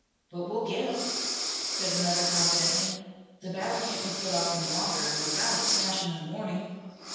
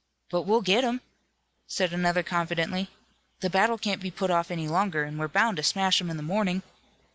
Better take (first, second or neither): second